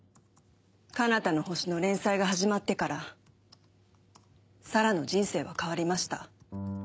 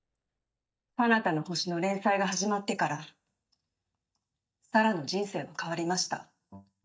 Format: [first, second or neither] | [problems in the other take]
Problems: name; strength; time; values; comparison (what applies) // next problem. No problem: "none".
first | noise reduction (neural mask model DeepFilterNet 3)